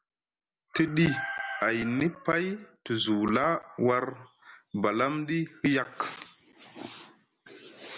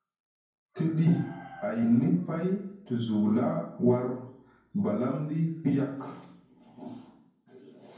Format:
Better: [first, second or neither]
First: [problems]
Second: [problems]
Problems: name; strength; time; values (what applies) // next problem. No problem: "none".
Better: first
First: none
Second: room echo; dies away in 0.9 s